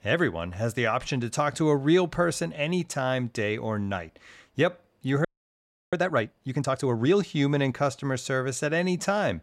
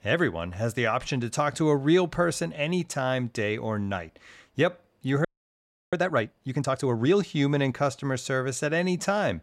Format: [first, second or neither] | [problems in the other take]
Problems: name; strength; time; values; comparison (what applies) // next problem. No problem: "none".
neither | audio freezing; at 5.5 s for 0.5 s; the same in both